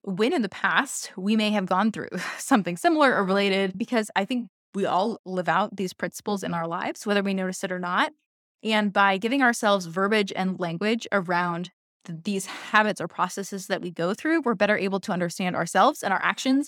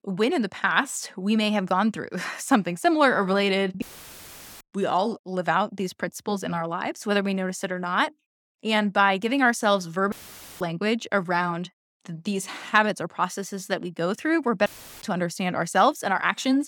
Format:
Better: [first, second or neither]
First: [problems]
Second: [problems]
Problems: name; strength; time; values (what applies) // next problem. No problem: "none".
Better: first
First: none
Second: audio cutting out; filled with static; at 4 s for 1 s, at 10 s and at 15 s